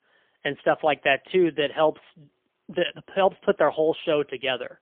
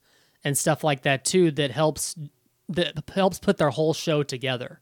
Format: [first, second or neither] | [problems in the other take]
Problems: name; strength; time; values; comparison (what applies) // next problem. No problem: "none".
second | phone-call audio; poor line; nothing above 3.5 kHz